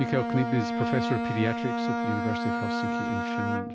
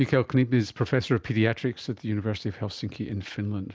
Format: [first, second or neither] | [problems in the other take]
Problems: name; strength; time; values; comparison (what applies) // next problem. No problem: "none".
second | background sound (Bowed string instrument); 1 dB above the speech